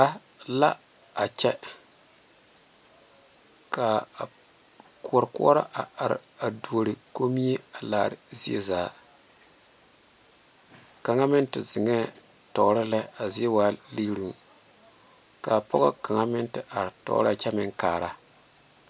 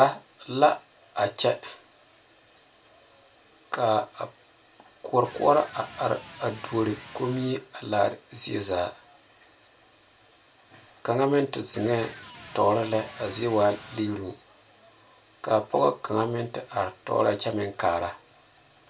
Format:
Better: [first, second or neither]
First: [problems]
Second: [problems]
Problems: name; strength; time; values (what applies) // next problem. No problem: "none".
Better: first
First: none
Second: background sound (Electric guitar); 19 dB below the speech // room echo; dies away in 0.2 s